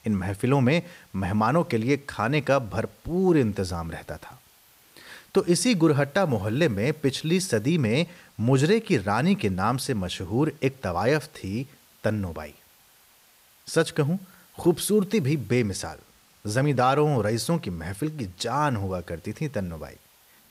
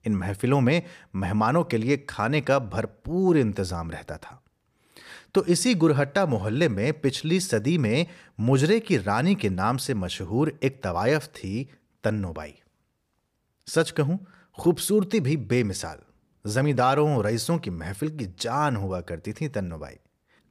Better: second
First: hiss; faint; throughout; 30 dB below the speech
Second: none

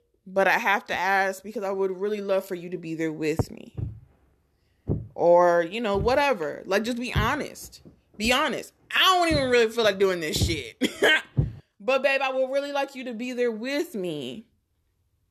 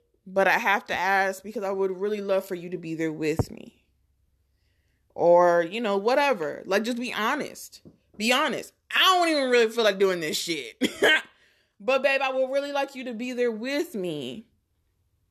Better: second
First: footsteps; noticeable; from 4 to 11 s; peak 5 dB below the speech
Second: none

